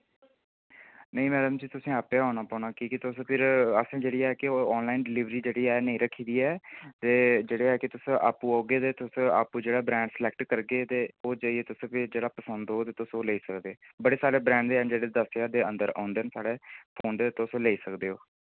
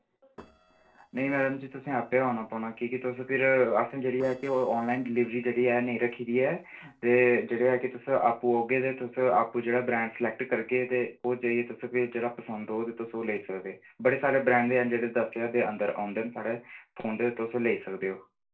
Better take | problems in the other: first | noise reduction (neural separator model SepFormer DNS4)

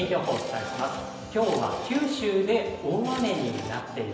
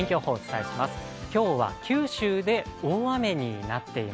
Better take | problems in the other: second | background sound (Subway, metro, underground / Engine); 15 dB below the speech // room echo; dies away in 1 s

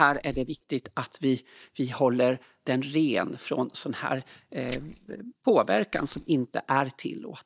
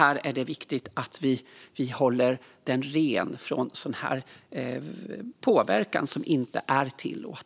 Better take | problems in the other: second | noise reduction (neural mask model DeepFilterNet 3)

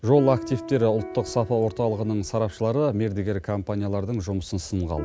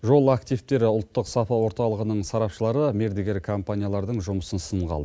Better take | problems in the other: second | background sound (Piano); 16 dB below the speech

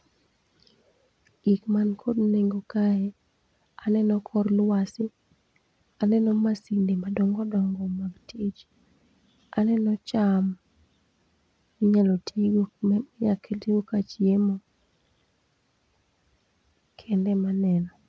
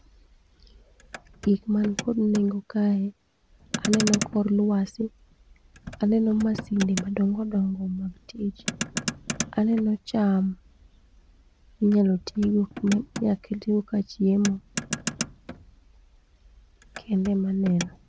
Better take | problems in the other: first | background sound (Motor vehicle (road)); 11 dB below the speech

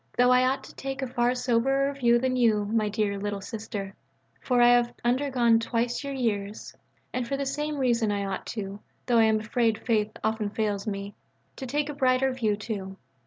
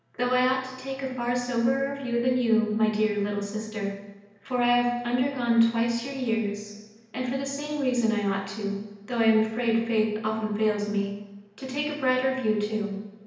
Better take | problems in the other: first | room echo; dies away in 0.9 s

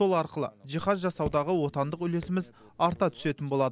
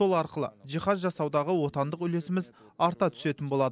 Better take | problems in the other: second | background sound (Raindrop / Drip); 17 dB below the speech

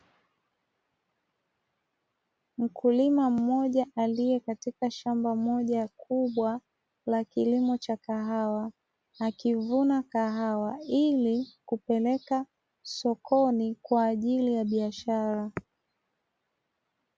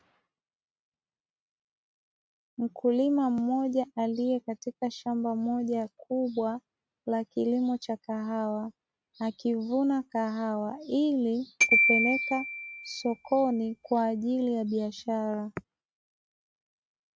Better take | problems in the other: first | noise reduction (neural mask model RNNoise)

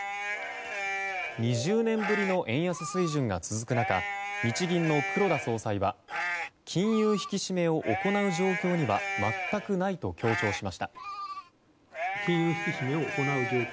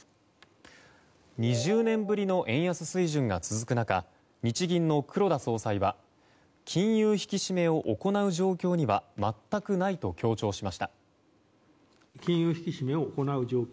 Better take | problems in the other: second | background sound (Livestock, farm animals, working animals); 5 dB below the speech

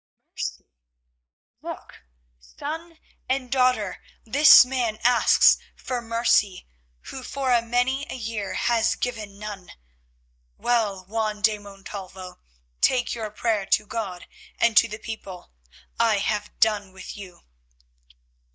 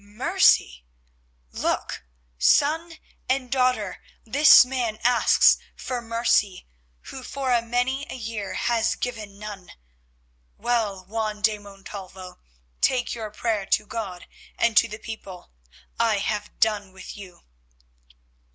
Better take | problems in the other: second | noise reduction (neural mask model DeepFilterNet 3)

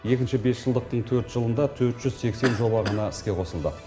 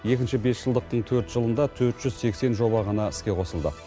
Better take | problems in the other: second | background sound (Cough); 10 dB below the speech // room echo; dies away in 3 s

